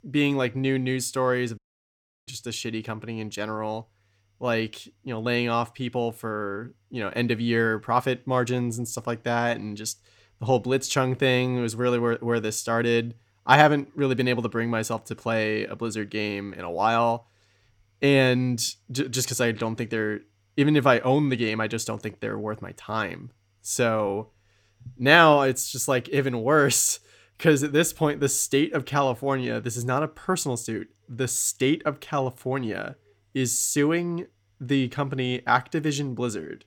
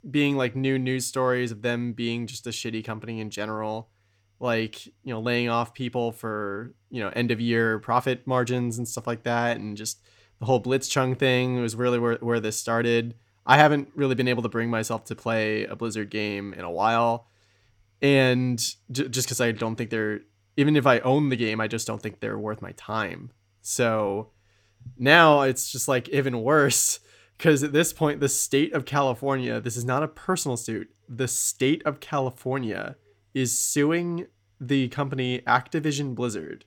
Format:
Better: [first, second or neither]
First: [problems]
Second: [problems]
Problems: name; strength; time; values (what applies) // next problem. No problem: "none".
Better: second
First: audio cutting out; at 1.5 s for 0.5 s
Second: none